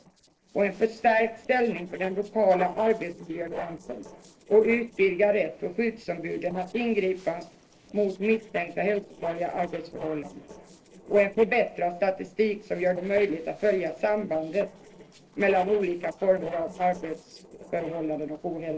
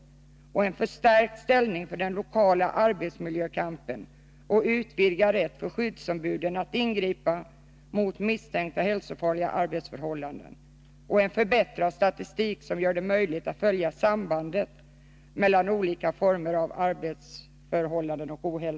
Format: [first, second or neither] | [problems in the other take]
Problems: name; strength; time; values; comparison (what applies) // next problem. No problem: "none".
second | noise reduction (neural separator model SepFormer DNS4)